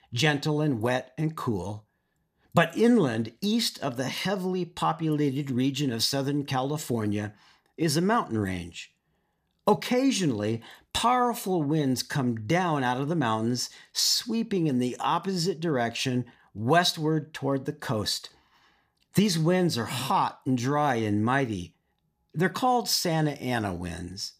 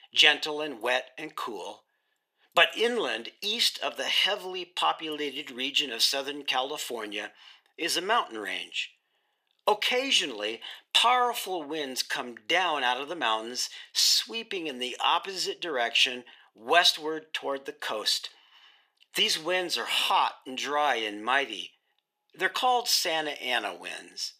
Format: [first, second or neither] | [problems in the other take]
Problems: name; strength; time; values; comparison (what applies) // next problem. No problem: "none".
first | thin; very; fading below 450 Hz